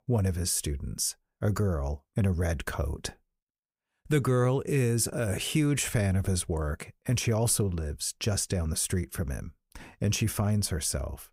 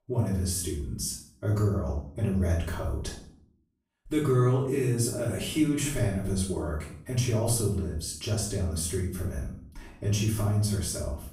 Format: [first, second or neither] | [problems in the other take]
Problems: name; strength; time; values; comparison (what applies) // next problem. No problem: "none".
first | off-mic speech; far // room echo; noticeable; dies away in 0.5 s